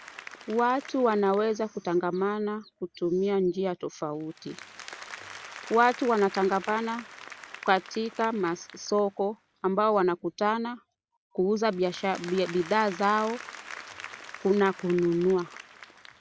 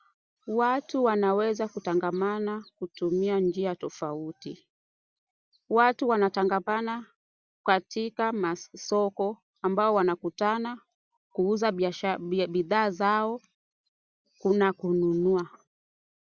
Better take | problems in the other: second | background sound (Applause); 18 dB below the speech

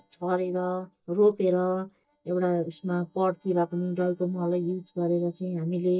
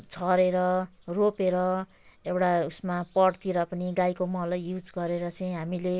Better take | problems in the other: second | noise reduction (neural mask model DeepFilterNet 3)

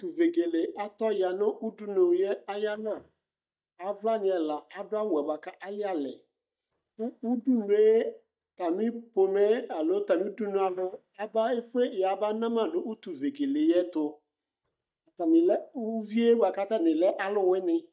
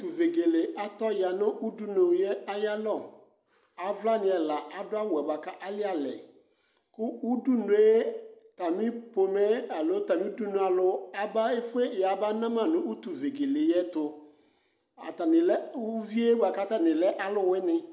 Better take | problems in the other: second | noise reduction (neural mask model DeepFilterNet 3)

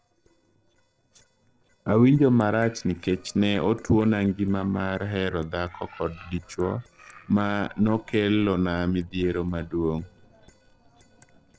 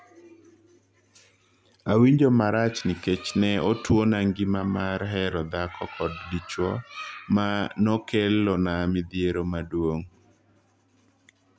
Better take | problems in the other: second | noise reduction (neural separator model SepFormer DNS4)

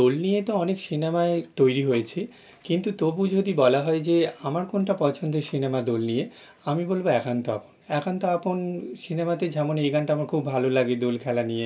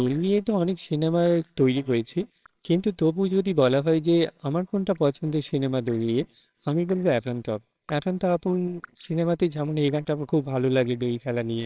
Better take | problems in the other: first | noise reduction (neural separator model SepFormer WHAMR!)

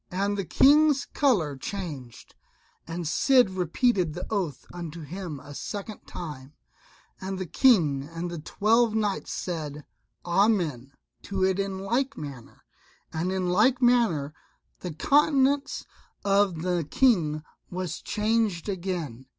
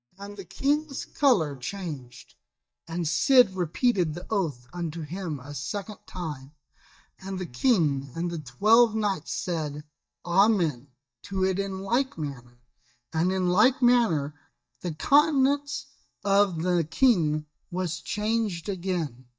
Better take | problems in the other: first | noise reduction (neural mask model DeepFilterNet 3)

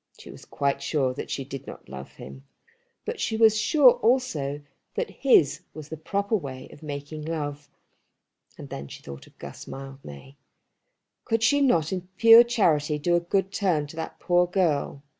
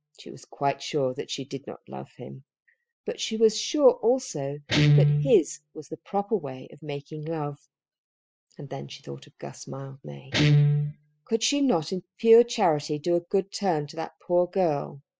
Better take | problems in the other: first | noise reduction (classical method spectral subtraction)

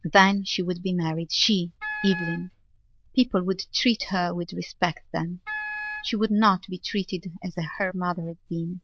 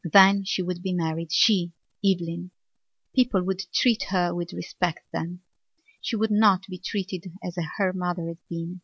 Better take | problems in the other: second | noise reduction (neural diffusion model UNIVERSE++)

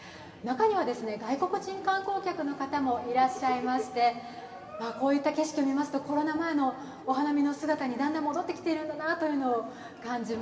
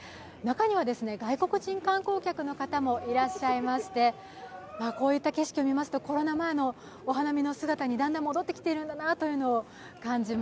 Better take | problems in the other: second | room echo; dies away in 2 s

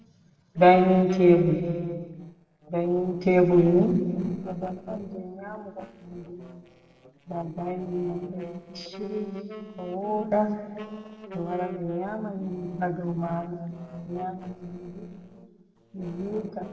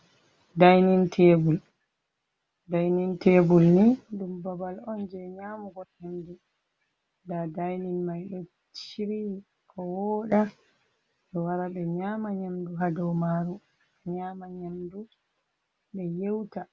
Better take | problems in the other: second | noise reduction (neural separator model SepFormer DNS4)

